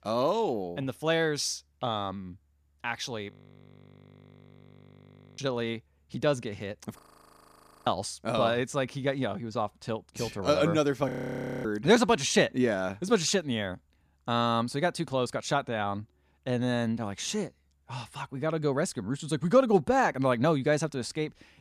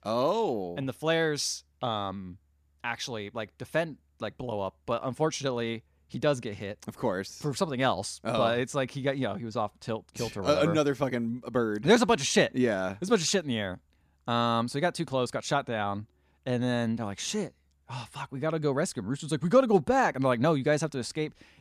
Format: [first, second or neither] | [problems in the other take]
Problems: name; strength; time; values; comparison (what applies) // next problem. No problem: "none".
second | audio freezing; at 3.5 s for 2 s, at 7 s for 1 s and at 11 s for 0.5 s